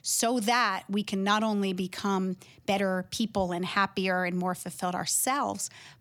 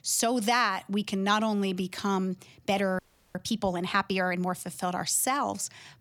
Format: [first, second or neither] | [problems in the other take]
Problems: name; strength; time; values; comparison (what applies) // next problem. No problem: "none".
first | audio freezing; at 3 s